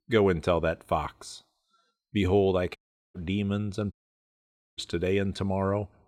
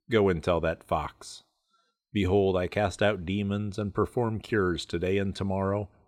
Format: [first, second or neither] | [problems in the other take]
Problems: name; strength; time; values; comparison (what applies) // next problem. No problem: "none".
second | audio cutting out; at 3 s and at 4 s for 1 s